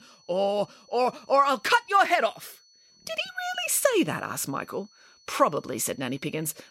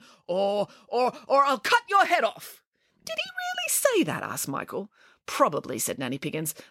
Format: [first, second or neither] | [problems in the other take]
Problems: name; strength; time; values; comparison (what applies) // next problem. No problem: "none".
second | high-pitched whine; faint; throughout; 4.5 kHz, 30 dB below the speech